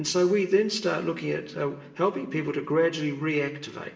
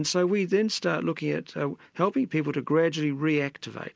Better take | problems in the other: second | room echo; dies away in 0.9 s

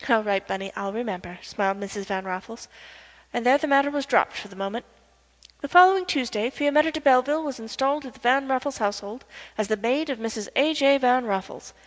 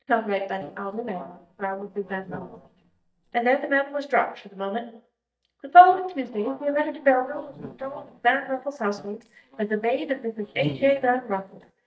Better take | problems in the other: first | noise reduction (neural mask model DeepFilterNet 3)

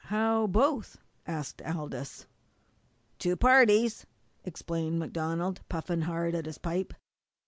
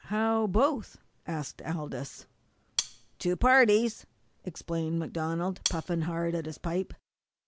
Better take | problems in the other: first | background sound (Cutlery, silverware); 7 dB below the speech

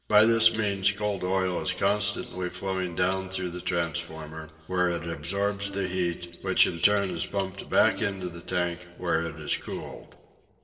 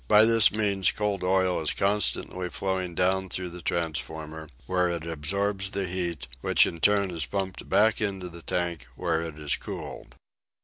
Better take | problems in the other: second | noise reduction (neural separator model SepFormer DNS4)

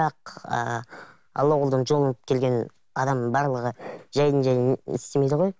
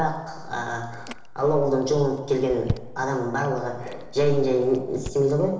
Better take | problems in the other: first | background sound (Chewing, mastication); 15 dB below the speech // room echo; dies away in 1 s

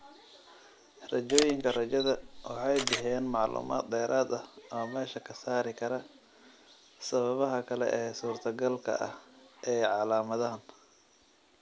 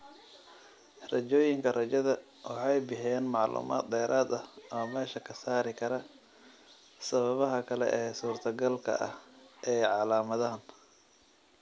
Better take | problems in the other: second | background sound (Camera); 5 dB below the speech

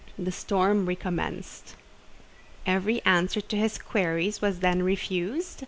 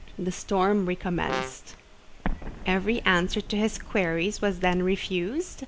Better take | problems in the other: first | background sound (Explosion + Brass instrument); 10 dB below the speech

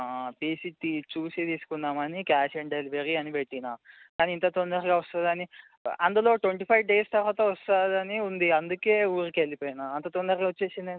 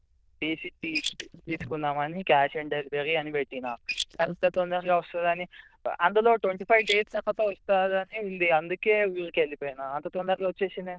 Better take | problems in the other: first | noise reduction (neural diffusion model UNIVERSE++)

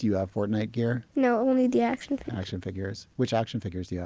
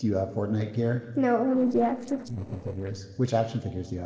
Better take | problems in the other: first | noise reduction (neural separator model SepFormer DNS4)

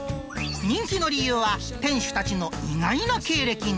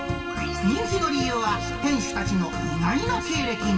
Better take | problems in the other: first | background sound (Bowed string instrument); 7 dB below the speech // room echo; dies away in 2 s

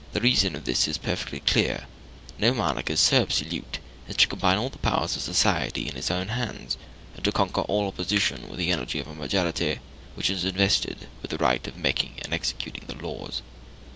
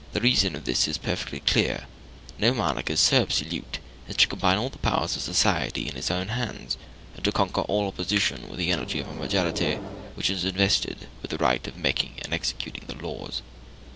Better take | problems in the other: first | background sound (Microwave oven); 9 dB below the speech

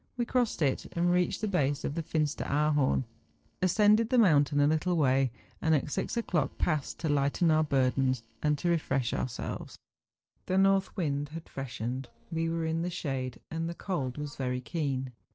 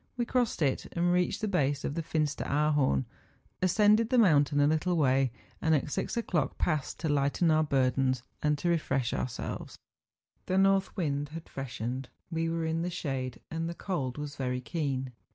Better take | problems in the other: second | noise reduction (neural separator model SepFormer DNS4)

